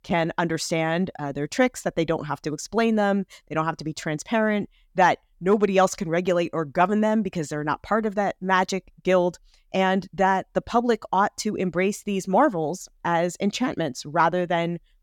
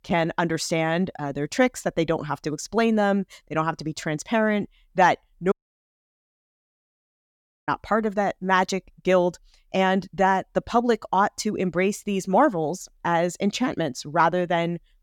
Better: first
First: none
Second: audio cutting out; at 5.5 s for 2 s

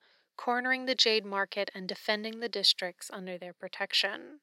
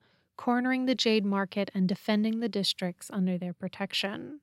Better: second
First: thin; somewhat; fading below 500 Hz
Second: none

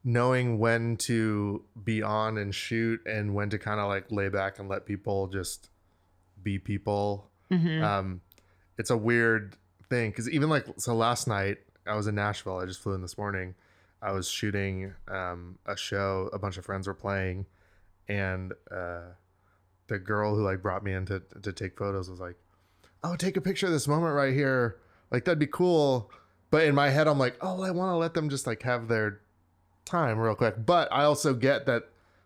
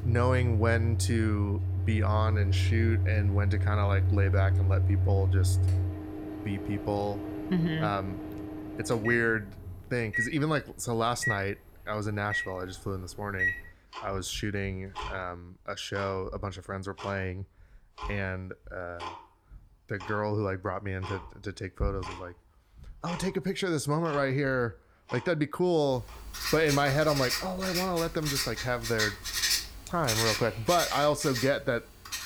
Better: first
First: none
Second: household noises; very loud; throughout; as loud as the speech

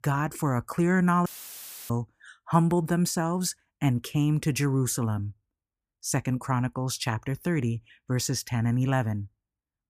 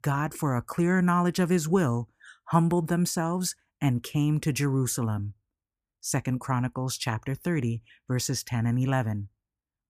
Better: second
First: audio cutting out; filled with static; at 1.5 s for 0.5 s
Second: none

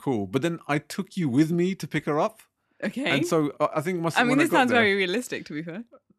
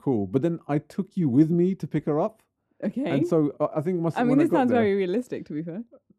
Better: first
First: none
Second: muffled; slightly; fading above 1 kHz

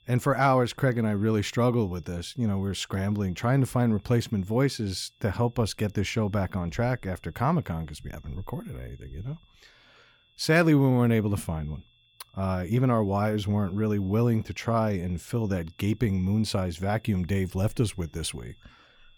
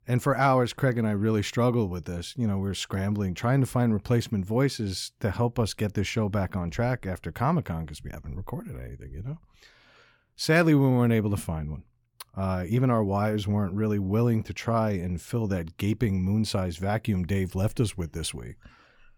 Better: second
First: high-pitched whine; faint; throughout; 3.5 kHz, 35 dB below the speech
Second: none

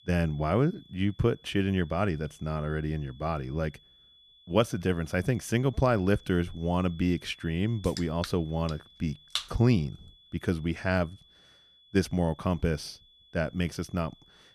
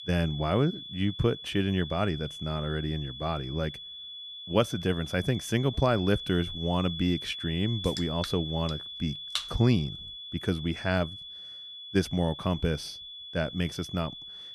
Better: first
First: high-pitched whine; faint; throughout; 3.5 kHz, 25 dB below the speech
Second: high-pitched whine; loud; throughout; 3.5 kHz, 9 dB below the speech

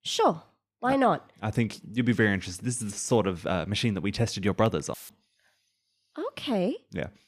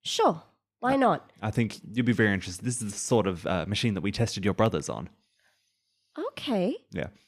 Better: second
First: audio cutting out; filled with static; at 5 s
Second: none

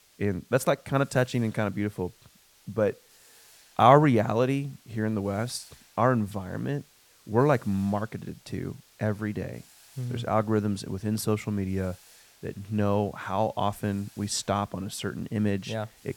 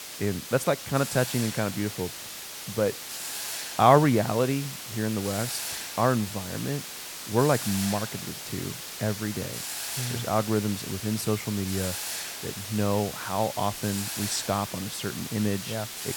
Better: first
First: hiss; faint; throughout; 25 dB below the speech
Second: hiss; loud; throughout; 6 dB below the speech

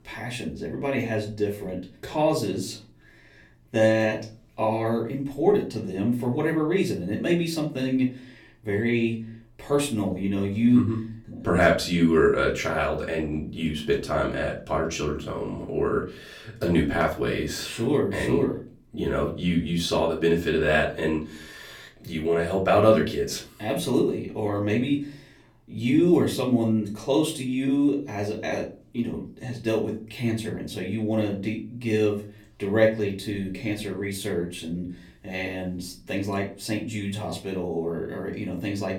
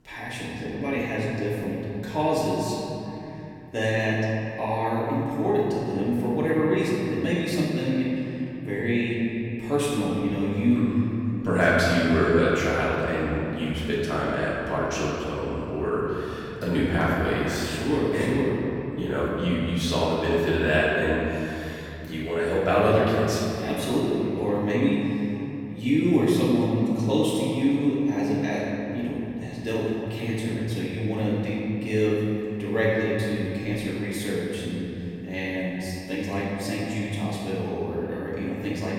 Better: first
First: room echo; slight; dies away in 0.3 s // off-mic speech; far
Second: room echo; strong; dies away in 3 s // off-mic speech; far

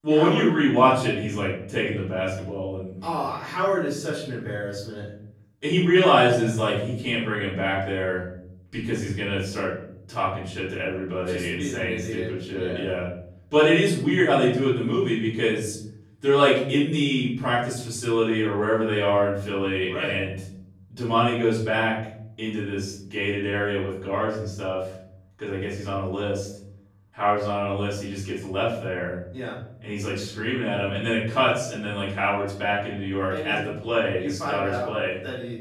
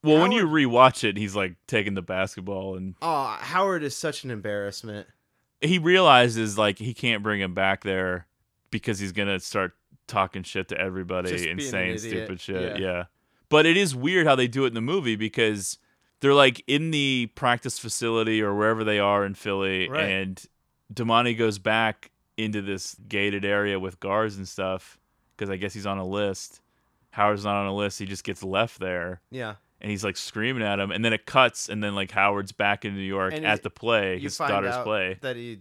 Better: second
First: room echo; noticeable; dies away in 1 s // off-mic speech; far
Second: none

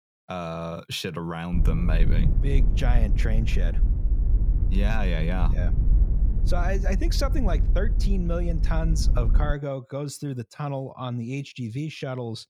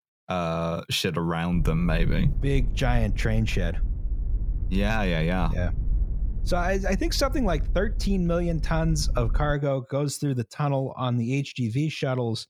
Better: second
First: low rumble; loud; from 1.5 to 9.5 s; 10 dB below the speech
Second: low rumble; faint; from 1.5 to 9.5 s; 20 dB below the speech

